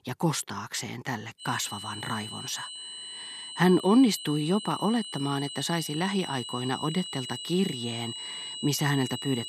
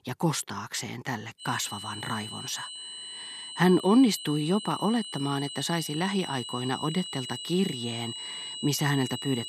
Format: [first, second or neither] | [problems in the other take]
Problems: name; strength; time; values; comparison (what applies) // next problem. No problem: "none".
neither | high-pitched whine; loud; from 1.5 s on; 3 kHz, 8 dB below the speech; the same in both